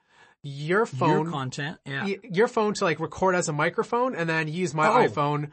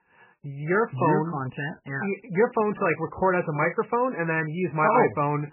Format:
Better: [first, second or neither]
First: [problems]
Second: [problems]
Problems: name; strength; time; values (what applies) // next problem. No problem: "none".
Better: first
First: garbled, watery; slightly; nothing above 8 kHz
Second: garbled, watery; badly; nothing above 2.5 kHz